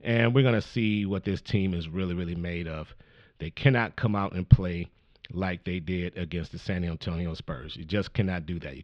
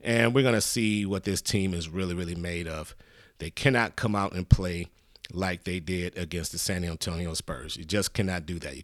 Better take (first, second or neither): second